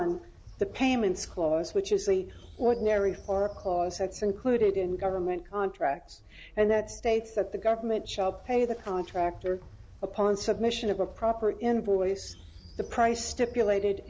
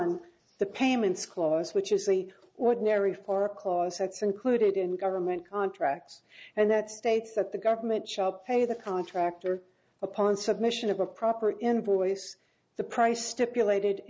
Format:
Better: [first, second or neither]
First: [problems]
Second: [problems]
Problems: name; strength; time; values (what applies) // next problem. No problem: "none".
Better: second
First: background sound (Train); 19 dB below the speech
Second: none